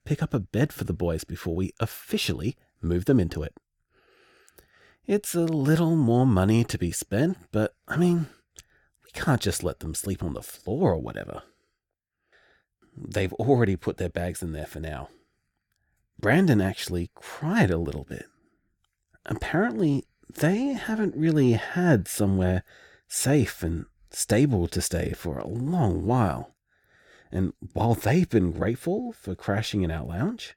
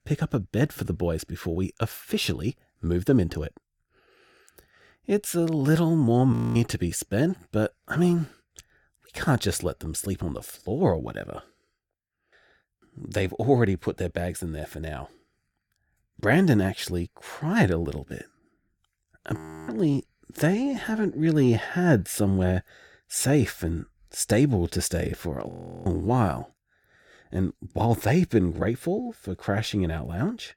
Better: first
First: none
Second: audio freezing; at 6.5 s, at 19 s and at 25 s

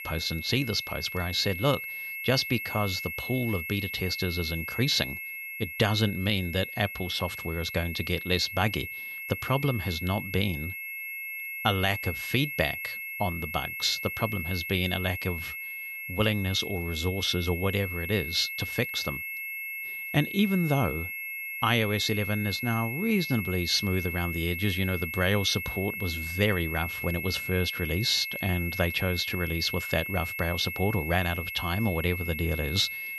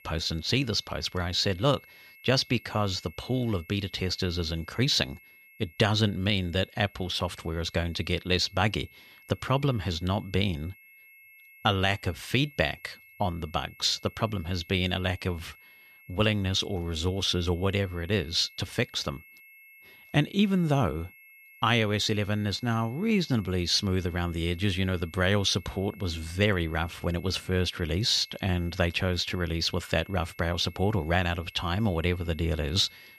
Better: second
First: high-pitched whine; loud; throughout; 2 kHz, 5 dB below the speech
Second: high-pitched whine; faint; throughout; 2 kHz, 25 dB below the speech

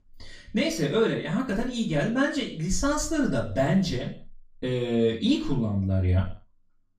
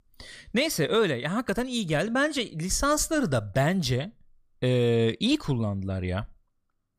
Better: second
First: room echo; slight; dies away in 0.4 s // off-mic speech; far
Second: none

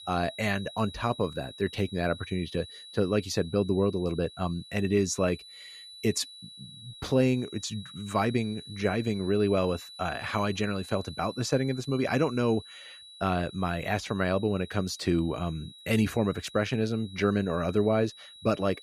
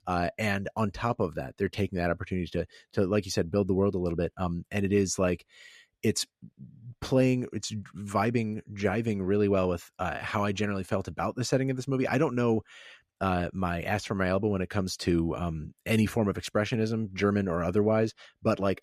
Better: second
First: high-pitched whine; noticeable; throughout; 4 kHz, 15 dB below the speech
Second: none

